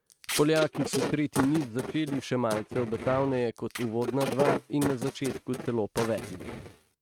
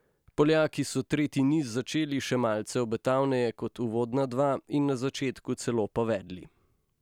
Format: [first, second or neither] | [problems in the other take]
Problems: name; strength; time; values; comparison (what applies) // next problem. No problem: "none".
second | noise reduction (neural mask model RNNoise)